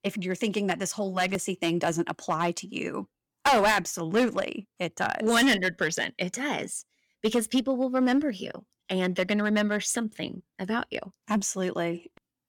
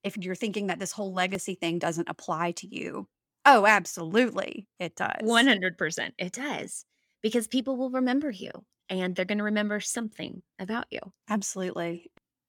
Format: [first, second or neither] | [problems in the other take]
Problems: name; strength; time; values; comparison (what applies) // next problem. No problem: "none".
second | distortion; heavy; 3% of the sound clipped